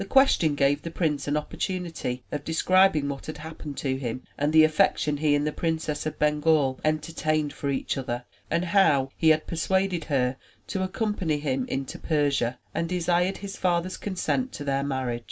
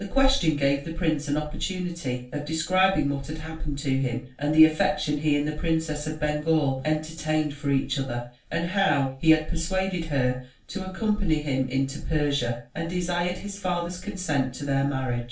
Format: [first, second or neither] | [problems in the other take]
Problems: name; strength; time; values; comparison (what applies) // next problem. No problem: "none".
first | room echo; dies away in 0.3 s